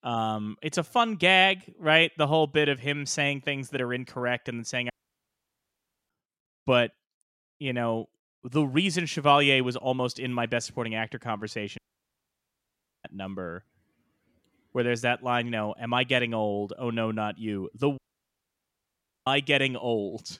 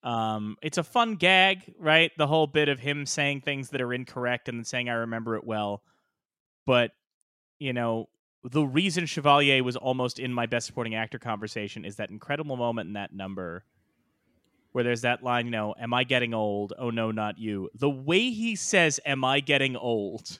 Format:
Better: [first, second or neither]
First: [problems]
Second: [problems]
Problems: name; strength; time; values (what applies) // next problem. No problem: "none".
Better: second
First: audio cutting out; at 5 s for 1 s, at 12 s for 1.5 s and at 18 s for 1.5 s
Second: none